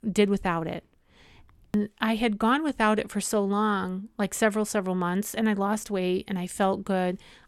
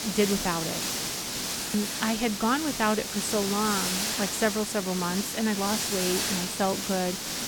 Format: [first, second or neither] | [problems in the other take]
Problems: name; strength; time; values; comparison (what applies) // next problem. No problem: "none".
first | hiss; loud; throughout; 1 dB below the speech